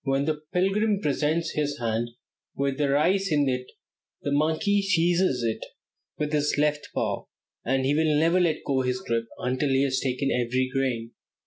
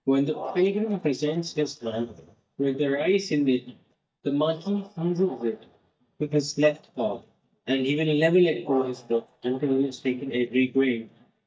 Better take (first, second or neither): first